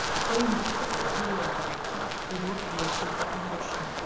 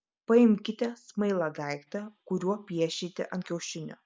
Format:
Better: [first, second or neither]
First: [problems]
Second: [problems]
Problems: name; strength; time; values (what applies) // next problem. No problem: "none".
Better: second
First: background sound (Wind); 4 dB above the speech // room echo; dies away in 0.8 s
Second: none